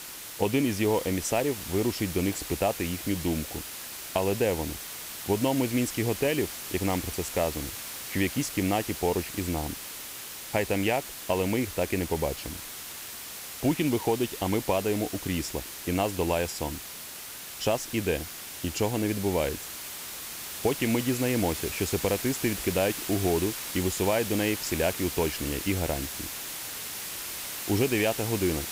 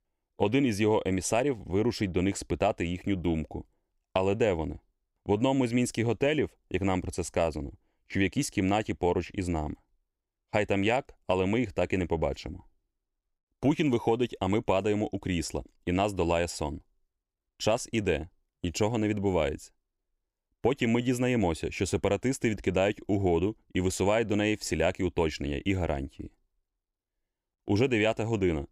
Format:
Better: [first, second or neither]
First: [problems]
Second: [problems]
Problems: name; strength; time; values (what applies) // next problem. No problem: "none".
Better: second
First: hiss; loud; throughout; 7 dB below the speech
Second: none